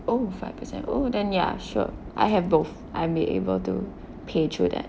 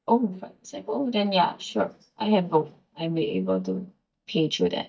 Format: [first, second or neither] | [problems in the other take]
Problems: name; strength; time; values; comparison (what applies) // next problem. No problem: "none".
first | noise reduction (neural mask model DeepFilterNet 3)